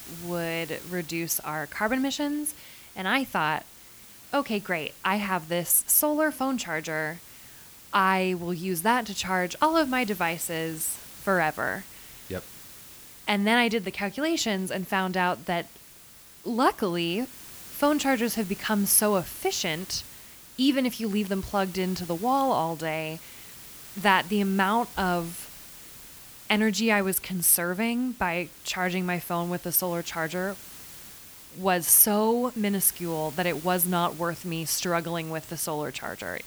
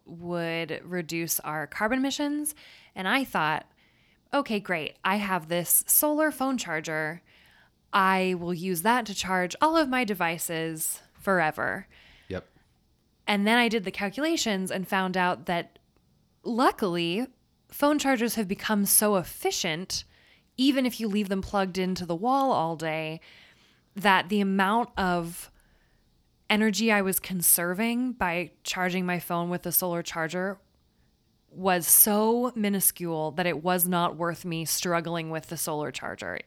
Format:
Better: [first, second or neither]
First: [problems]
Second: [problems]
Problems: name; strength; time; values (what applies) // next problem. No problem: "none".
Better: second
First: hiss; noticeable; throughout; 15 dB below the speech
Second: none